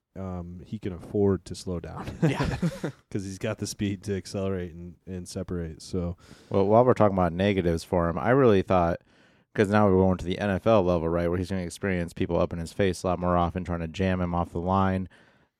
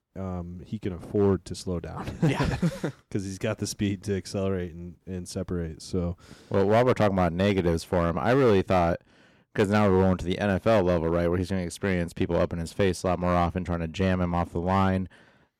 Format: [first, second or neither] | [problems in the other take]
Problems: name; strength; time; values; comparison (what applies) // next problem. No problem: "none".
first | distortion; slight; 3% of the sound clipped